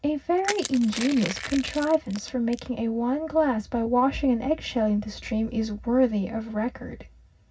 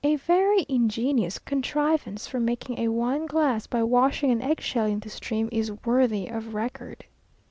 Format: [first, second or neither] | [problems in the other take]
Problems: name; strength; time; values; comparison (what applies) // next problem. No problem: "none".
second | background sound (Crushing); 12 dB below the speech // room echo; dies away in 0.4 s